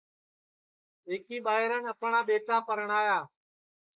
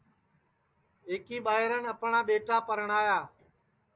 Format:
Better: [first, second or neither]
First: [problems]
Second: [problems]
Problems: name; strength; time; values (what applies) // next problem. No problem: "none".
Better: second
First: noise reduction (neural mask model Resemble Enhance denoiser)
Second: none